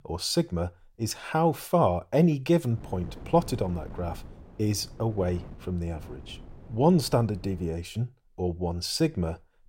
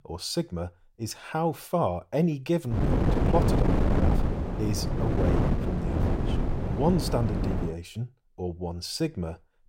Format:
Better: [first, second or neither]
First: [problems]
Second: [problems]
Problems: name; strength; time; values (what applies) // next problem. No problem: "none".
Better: first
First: wind noise on the microphone; occasional gusts; from 3 to 7.5 s; 20 dB below the speech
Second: wind noise on the microphone; heavy; from 3 to 7.5 s; 1 dB below the speech